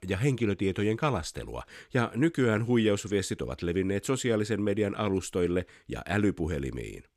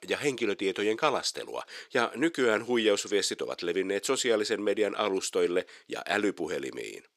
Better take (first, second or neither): first